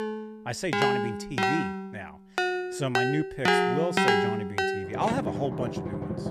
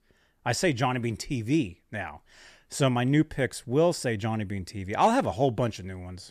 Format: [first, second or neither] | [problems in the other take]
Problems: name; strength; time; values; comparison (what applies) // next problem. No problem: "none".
second | background music; very loud; throughout; 5 dB above the speech